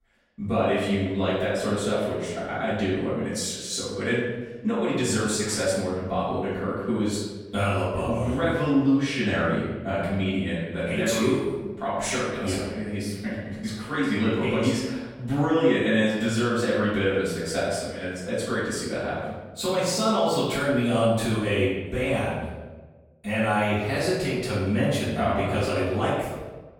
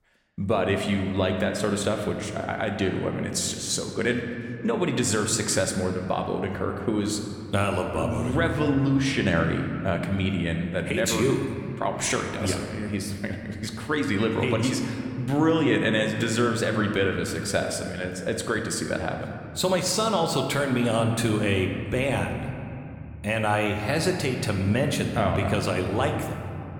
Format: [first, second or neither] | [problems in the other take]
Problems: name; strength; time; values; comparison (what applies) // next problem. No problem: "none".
second | room echo; strong; dies away in 1.1 s; slight in the second // off-mic speech; far